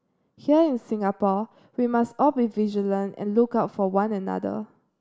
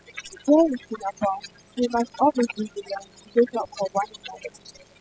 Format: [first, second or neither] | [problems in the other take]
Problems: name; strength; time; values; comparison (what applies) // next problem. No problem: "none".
first | noise reduction (classical method spectral subtraction)